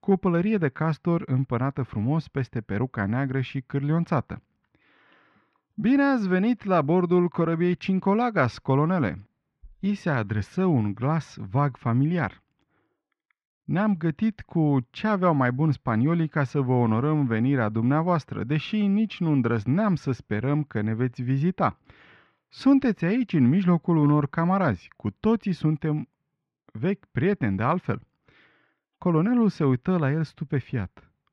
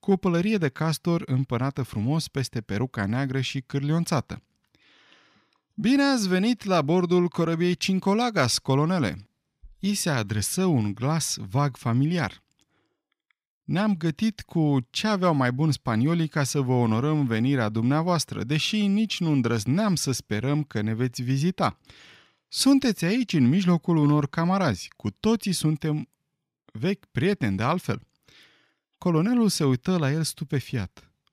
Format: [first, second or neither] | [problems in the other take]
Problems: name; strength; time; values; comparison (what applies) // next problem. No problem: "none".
second | muffled; very; fading above 1.5 kHz